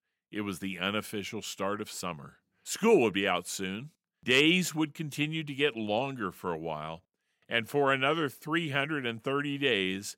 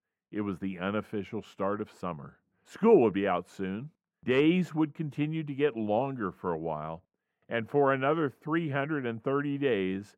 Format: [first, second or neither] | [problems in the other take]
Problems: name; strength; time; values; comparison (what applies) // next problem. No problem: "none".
first | muffled; very; fading above 2.5 kHz